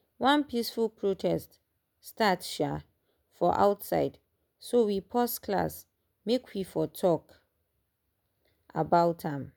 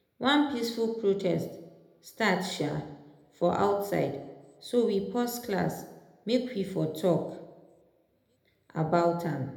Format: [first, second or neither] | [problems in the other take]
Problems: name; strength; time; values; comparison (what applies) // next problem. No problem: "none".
first | room echo; dies away in 0.7 s